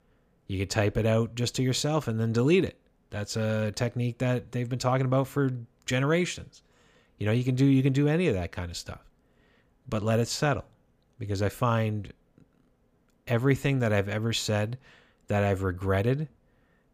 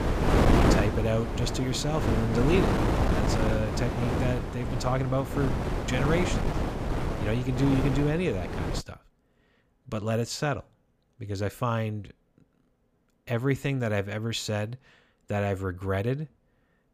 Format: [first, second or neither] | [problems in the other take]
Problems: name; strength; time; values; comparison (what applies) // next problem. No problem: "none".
first | wind noise on the microphone; heavy; until 9 s; as loud as the speech